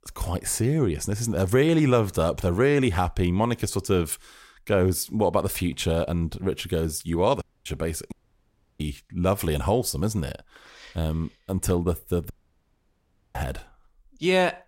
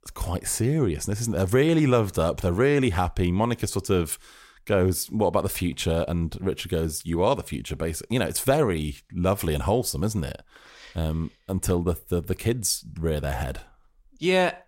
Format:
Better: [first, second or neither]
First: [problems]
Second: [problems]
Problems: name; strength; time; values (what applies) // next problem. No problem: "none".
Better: second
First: audio cutting out; at 7.5 s, at 8 s for 0.5 s and at 12 s for 1 s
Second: none